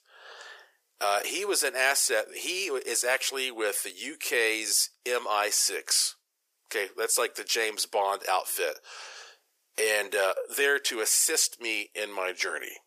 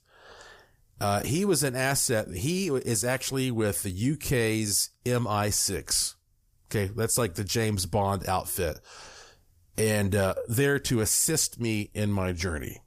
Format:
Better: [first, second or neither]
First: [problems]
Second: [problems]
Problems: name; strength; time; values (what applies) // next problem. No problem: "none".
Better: second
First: thin; very; fading below 400 Hz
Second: none